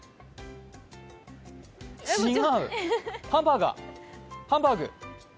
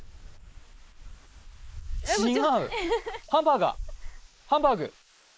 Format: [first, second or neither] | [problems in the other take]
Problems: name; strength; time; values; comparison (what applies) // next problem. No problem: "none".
first | noise reduction (neural mask model Resemble Enhance denoiser)